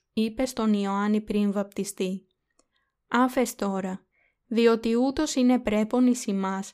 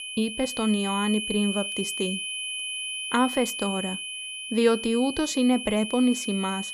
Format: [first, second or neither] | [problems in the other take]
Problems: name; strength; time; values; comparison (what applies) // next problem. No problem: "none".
first | high-pitched whine; loud; throughout; 3 kHz, 5 dB below the speech